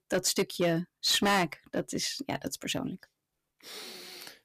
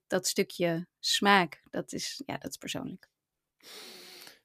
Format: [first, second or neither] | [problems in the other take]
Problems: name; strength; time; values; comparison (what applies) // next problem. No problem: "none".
second | distortion; heavy; 4% of the sound clipped